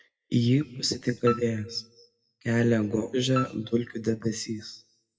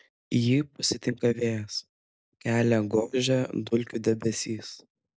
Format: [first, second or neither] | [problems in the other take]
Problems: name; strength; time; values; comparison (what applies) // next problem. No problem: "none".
second | noise reduction (classical method WPE with log-MMSE)